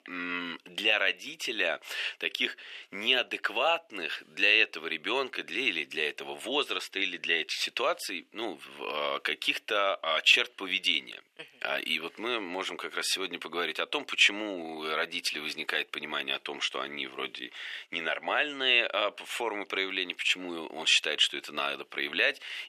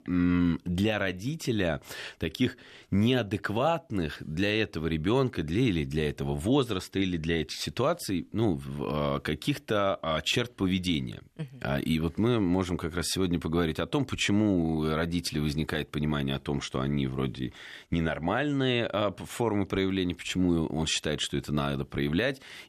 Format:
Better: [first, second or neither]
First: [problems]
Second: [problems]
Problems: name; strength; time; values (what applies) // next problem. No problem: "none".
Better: second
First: thin; very; fading below 450 Hz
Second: none